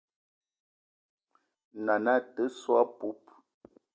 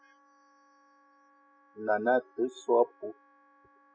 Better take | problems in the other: first | noise reduction (classical method spectral subtraction)

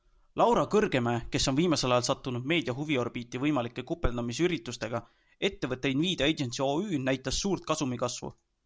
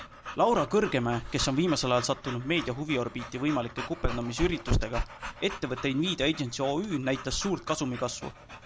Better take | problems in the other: first | background sound (Dog / Breathing); 9 dB below the speech

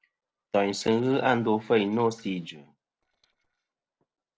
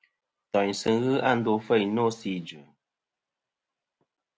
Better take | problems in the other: second | noise reduction (neural separator model SepFormer DNS4)

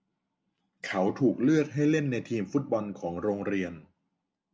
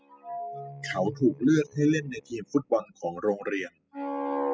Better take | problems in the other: first | noise reduction (classical method spectral subtraction)

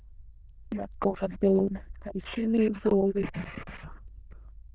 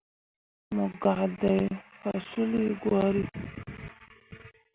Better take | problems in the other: second | noise reduction (neural diffusion model UNIVERSE++)

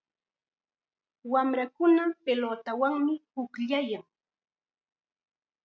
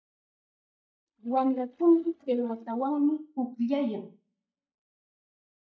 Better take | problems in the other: first | noise reduction (neural mask model DeepFilterNet 3)

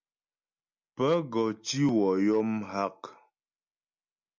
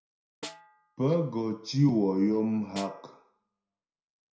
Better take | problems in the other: first | background sound (Snare drum); 19 dB below the speech // room echo; dies away in 0.5 s

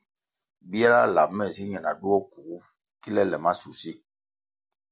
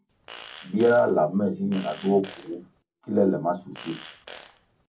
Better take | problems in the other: first | background sound (Fart); 20 dB below the speech // room echo; dies away in 0.3 s

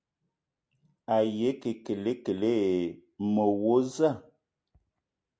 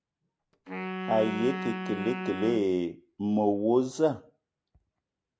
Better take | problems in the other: first | background sound (Wind instrument, woodwind instrument); 7 dB below the speech

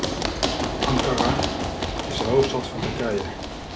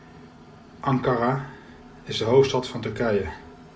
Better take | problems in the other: second | background sound (Run); 1 dB above the speech

